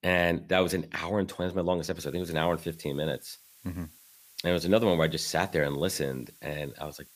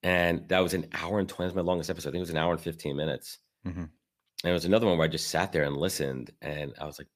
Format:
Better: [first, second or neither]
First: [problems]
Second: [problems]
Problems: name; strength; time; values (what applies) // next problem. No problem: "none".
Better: second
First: hiss; faint; from 2 s on; 25 dB below the speech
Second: none